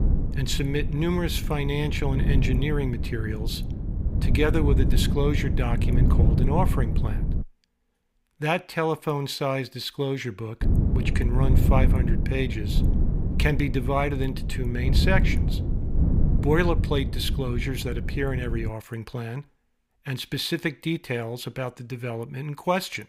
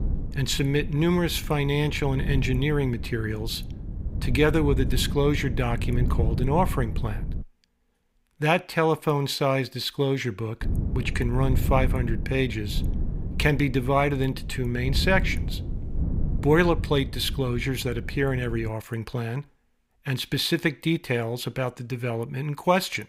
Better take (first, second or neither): second